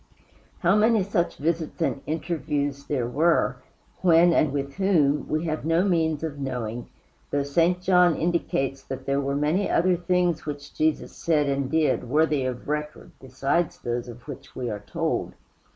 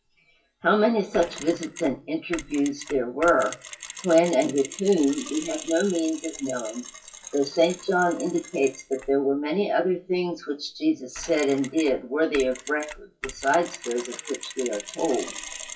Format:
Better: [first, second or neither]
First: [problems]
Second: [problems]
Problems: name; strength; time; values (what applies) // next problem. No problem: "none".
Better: first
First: none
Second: noise reduction (classical method WPE with log-MMSE)